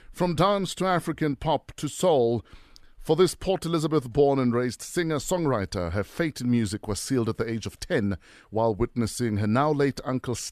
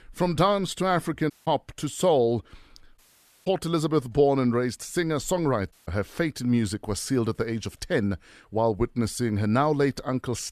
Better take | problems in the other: first | audio cutting out; at 1.5 s, at 3 s and at 5.5 s

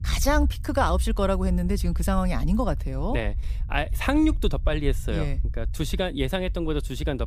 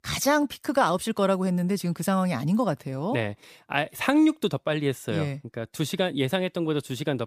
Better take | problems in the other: second | low rumble; faint; throughout; 20 dB below the speech

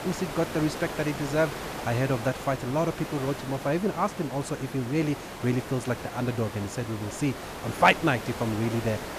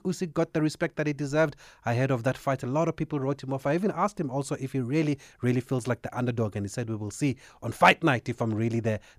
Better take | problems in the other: second | hiss; loud; throughout; 9 dB below the speech

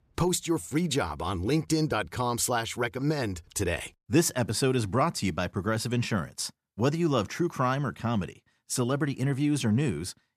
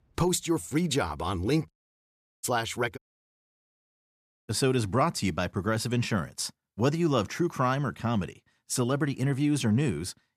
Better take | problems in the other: first | audio cutting out; at 1.5 s for 0.5 s and at 3 s for 1.5 s

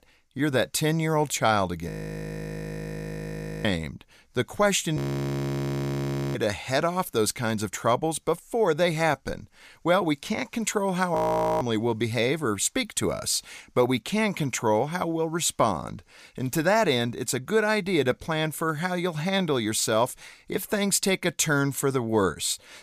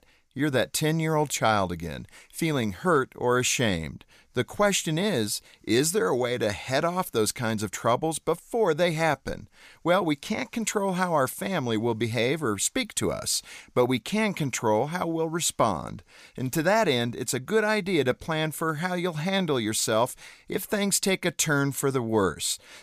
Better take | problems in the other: second | audio freezing; at 2 s for 2 s, at 5 s for 1.5 s and at 11 s

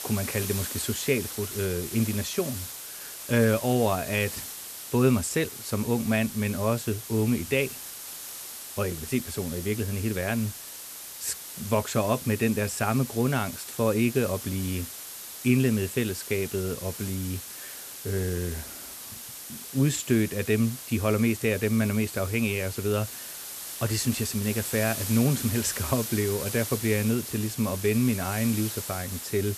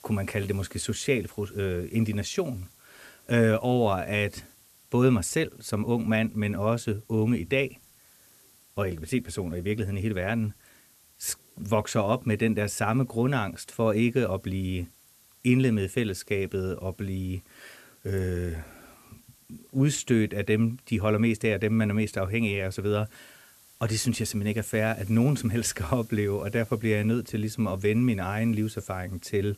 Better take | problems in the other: second | hiss; loud; throughout; 8 dB below the speech; faint in the second

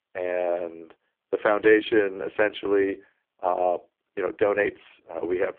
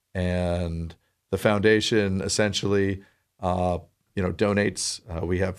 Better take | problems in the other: second | phone-call audio; poor line; nothing above 3.5 kHz

